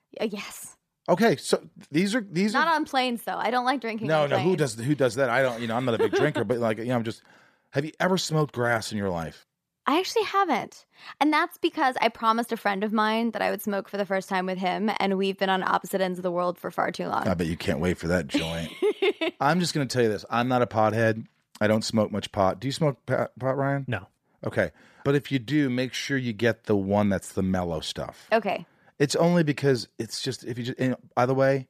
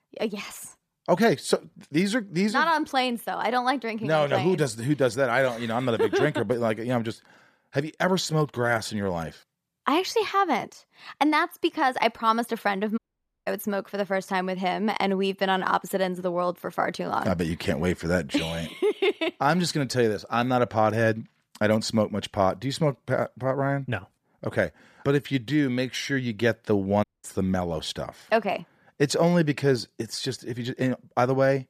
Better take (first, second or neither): first